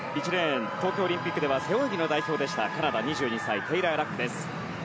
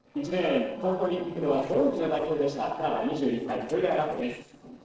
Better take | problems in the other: first | noise reduction (neural separator model SepFormer DNS4)

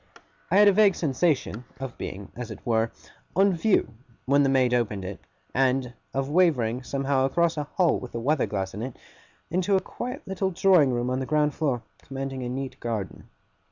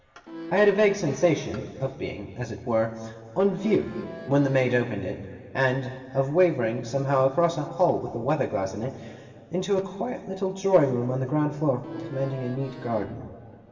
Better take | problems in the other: first | background sound (Accordion); 14 dB below the speech // room echo; dies away in 2.5 s

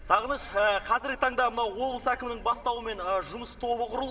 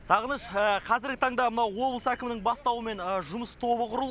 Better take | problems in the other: second | room echo; dies away in 2.7 s

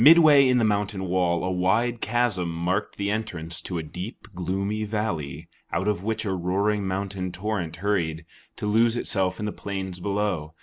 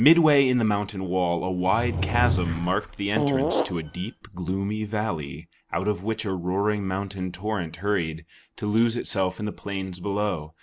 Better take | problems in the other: first | background sound (Fart / Drawer open or close); 2 dB below the speech

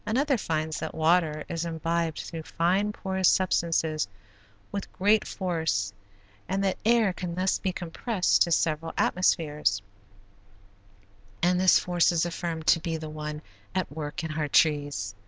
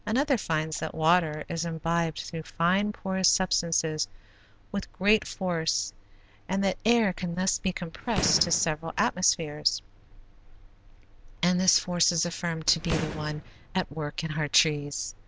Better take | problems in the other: first | background sound (Fireworks); 9 dB below the speech

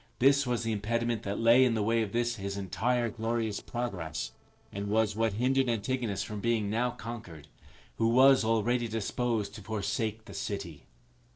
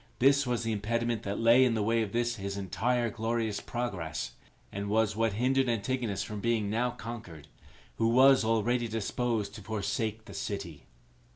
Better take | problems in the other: second | noise reduction (neural separator model SepFormer DNS4)

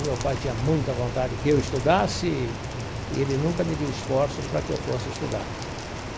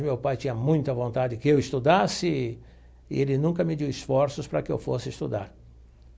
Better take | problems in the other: second | background sound (Rain); 5 dB below the speech

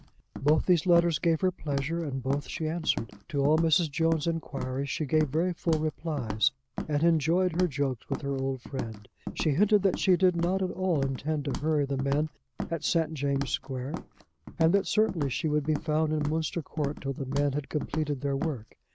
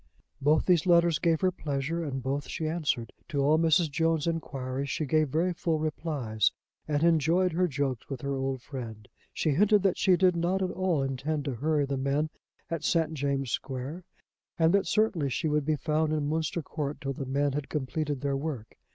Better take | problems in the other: second | background sound (Walk, footsteps); 12 dB below the speech

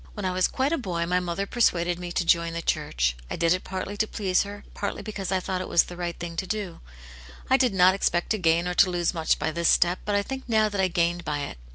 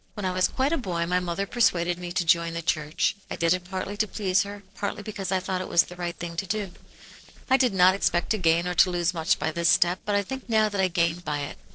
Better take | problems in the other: first | noise reduction (neural separator model SepFormer DNS4)

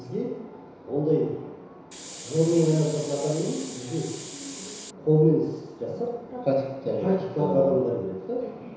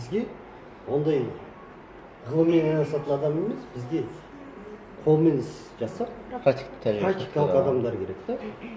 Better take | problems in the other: second | background sound (Hiss); 14 dB below the speech // room echo; dies away in 1 s

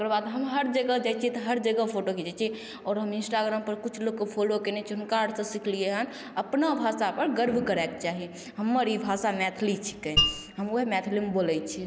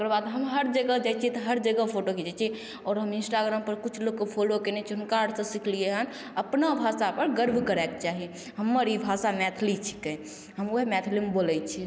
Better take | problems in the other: second | background sound (Mallet percussion); as loud as the speech

